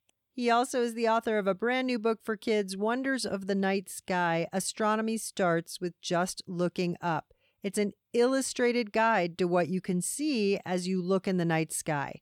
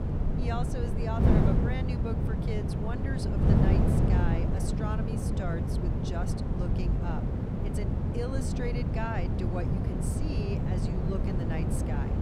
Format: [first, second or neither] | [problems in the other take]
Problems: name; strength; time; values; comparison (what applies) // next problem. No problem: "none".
first | wind noise on the microphone; heavy; 2 dB above the speech